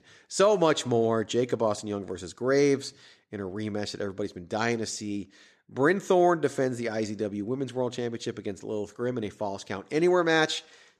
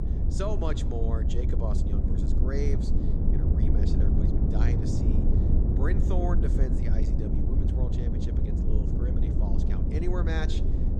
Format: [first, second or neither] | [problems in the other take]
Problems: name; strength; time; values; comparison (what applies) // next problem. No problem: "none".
first | low rumble; loud; throughout; as loud as the speech